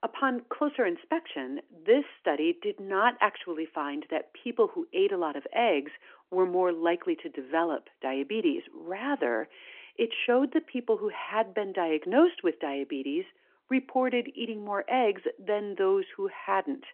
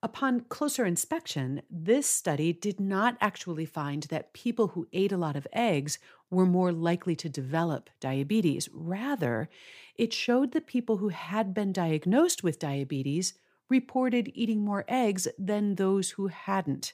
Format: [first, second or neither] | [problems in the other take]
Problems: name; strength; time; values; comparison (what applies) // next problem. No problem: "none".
second | phone-call audio